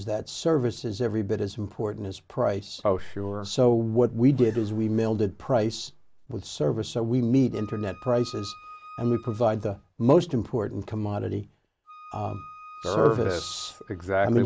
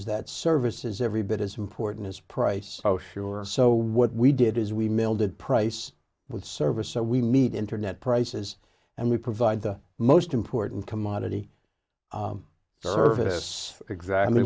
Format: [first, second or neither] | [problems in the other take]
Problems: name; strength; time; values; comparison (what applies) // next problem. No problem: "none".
second | background sound (Zipper (clothing) + Wind instrument, woodwind instrument); 19 dB below the speech